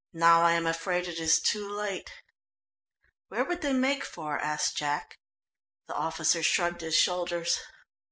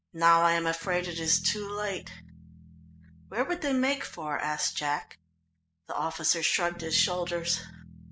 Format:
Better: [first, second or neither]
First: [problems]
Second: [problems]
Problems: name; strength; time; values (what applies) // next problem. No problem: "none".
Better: first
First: none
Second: background sound (Bass guitar); 19 dB below the speech